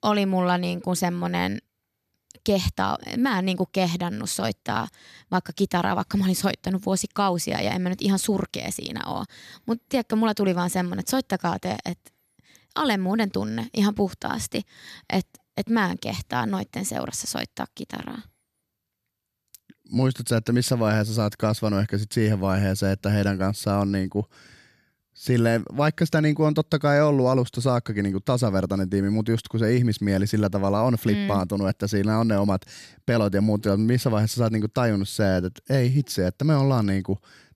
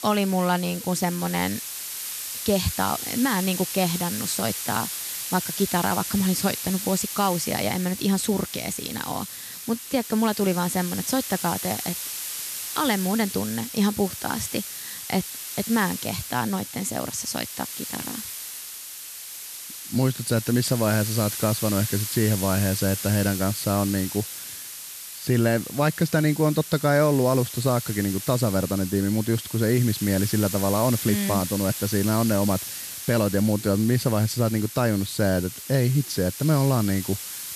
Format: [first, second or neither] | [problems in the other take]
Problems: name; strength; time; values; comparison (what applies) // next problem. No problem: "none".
first | hiss; loud; throughout; 7 dB below the speech